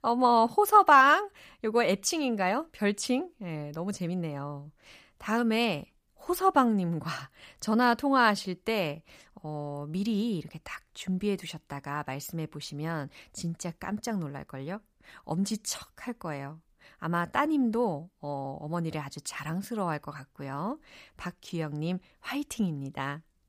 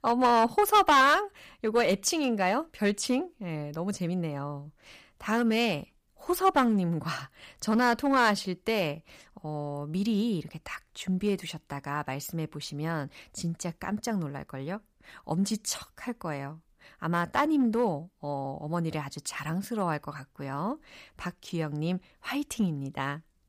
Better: first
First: none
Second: distortion; slight; 2% of the sound clipped

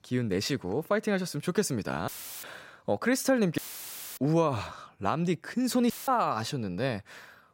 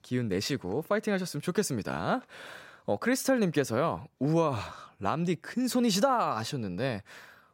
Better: second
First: audio cutting out; filled with static; at 2 s, at 3.5 s for 0.5 s and at 6 s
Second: none

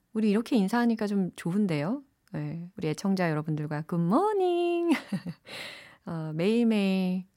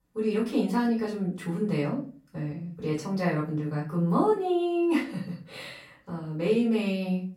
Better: first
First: none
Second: off-mic speech; far // room echo; slight; dies away in 0.3 s

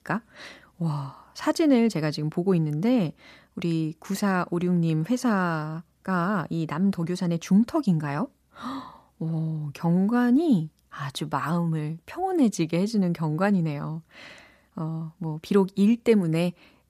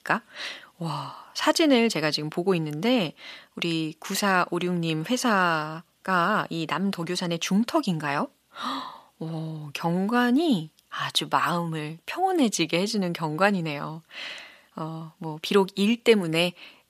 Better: first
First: none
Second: thin; somewhat; fading below 600 Hz

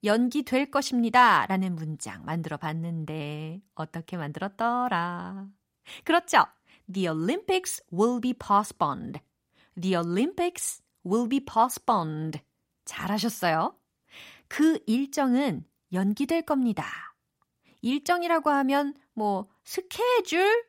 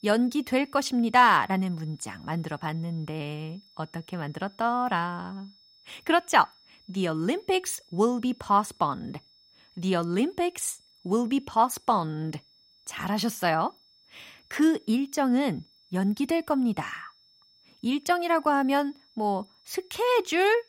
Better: first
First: none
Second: high-pitched whine; faint; throughout; 5.5 kHz, 30 dB below the speech

